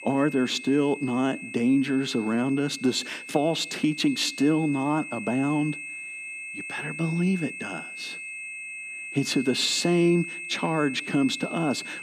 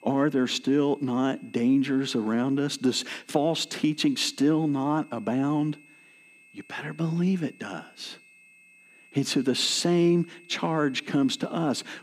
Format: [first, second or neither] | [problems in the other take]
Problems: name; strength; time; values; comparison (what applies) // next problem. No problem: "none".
second | high-pitched whine; loud; throughout; 2.5 kHz, 10 dB below the speech; faint in the second